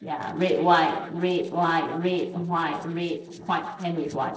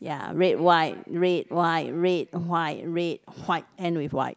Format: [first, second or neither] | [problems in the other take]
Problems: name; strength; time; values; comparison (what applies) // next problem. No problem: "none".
second | noise reduction (neural separator model SepFormer DNS4)